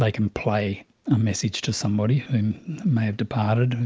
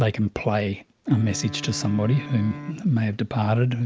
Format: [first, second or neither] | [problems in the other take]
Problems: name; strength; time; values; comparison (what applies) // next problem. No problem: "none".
first | background sound (Wind instrument, woodwind instrument); 15 dB below the speech